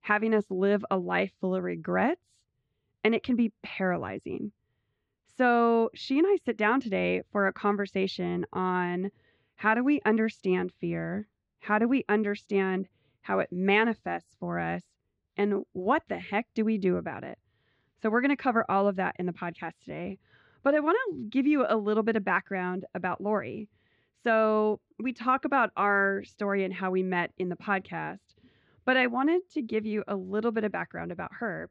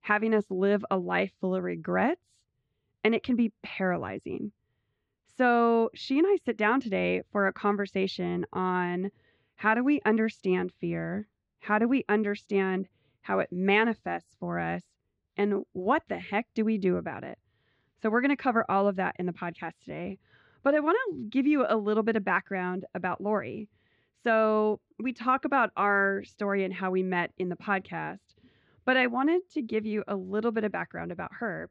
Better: neither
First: muffled; slightly; fading above 4 kHz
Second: muffled; slightly; fading above 4 kHz

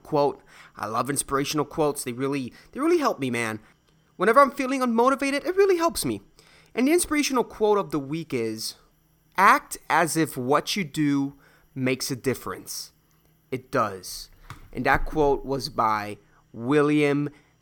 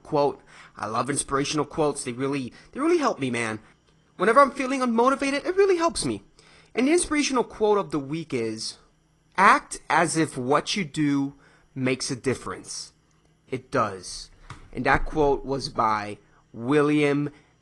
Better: first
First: none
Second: garbled, watery; slightly; nothing above 9.5 kHz

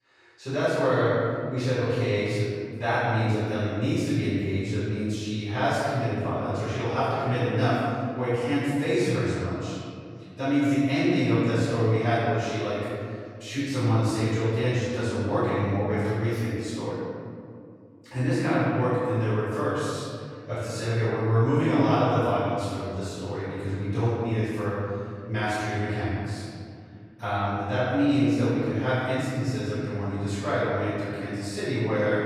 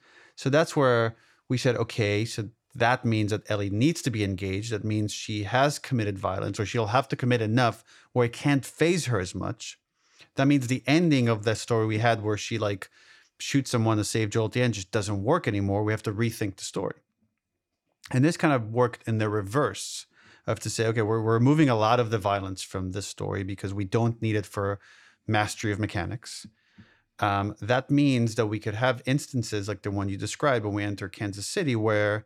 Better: second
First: room echo; strong; dies away in 2.1 s // off-mic speech; far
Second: none

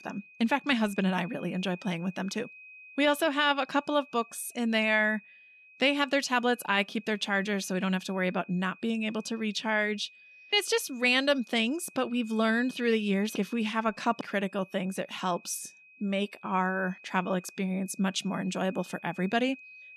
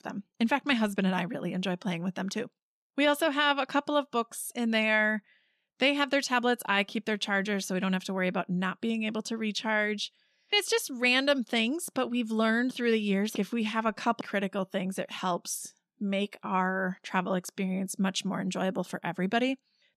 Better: second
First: high-pitched whine; faint; throughout; 2.5 kHz, 20 dB below the speech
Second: none

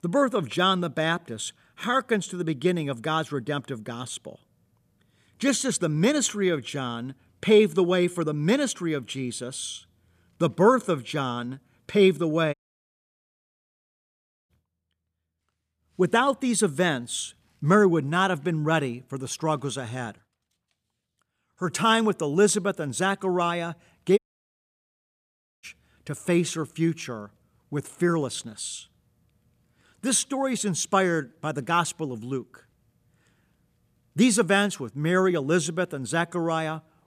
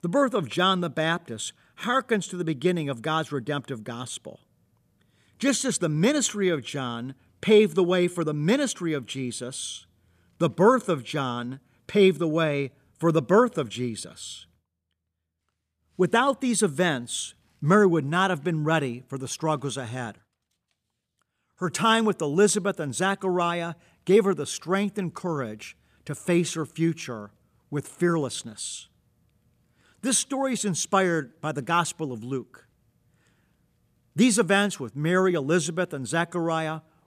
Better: second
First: audio cutting out; at 13 s for 2 s and at 24 s for 1.5 s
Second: none

